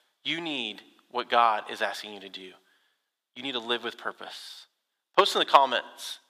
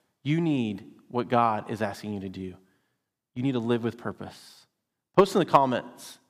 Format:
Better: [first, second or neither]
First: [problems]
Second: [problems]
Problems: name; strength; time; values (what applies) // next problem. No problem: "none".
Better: second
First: thin; very; fading below 600 Hz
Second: none